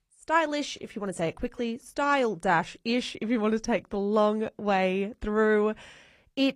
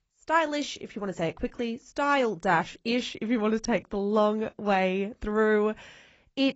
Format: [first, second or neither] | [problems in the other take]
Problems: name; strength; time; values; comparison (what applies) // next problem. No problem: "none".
first | garbled, watery; badly; nothing above 7.5 kHz; slightly in the first